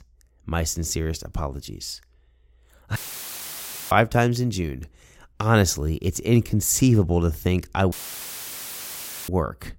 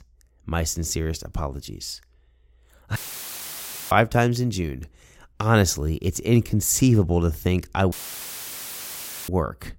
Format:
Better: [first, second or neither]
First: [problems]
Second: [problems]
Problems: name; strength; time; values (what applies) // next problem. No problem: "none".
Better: neither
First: audio cutting out; filled with static; at 3 s for 1 s and at 8 s for 1.5 s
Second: audio cutting out; filled with static; at 3 s for 1 s and at 8 s for 1.5 s